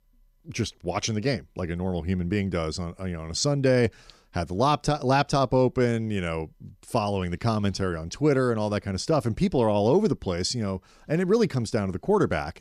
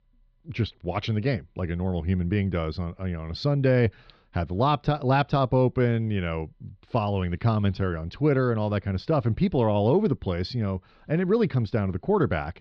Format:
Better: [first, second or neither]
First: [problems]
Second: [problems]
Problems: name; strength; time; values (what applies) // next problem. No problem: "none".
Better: first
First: none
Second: muffled; slightly; fading above 4 kHz